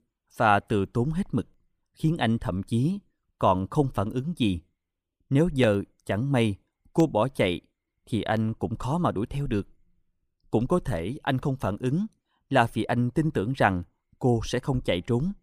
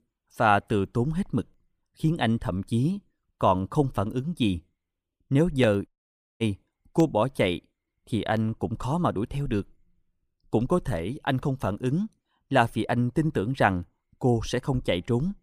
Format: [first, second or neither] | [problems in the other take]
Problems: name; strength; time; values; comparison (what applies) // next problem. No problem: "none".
first | audio cutting out; at 6 s for 0.5 s